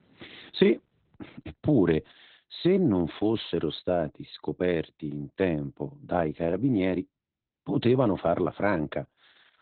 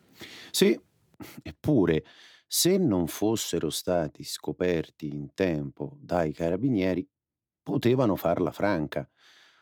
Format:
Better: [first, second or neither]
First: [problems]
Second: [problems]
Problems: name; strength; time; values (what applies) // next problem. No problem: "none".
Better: second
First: garbled, watery; badly; nothing above 4 kHz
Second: none